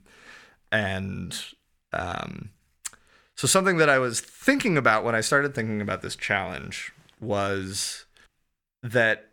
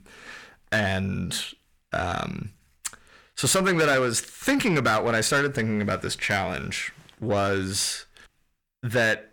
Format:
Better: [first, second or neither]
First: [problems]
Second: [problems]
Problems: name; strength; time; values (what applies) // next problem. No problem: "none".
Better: first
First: none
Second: distortion; heavy; 8 dB below the speech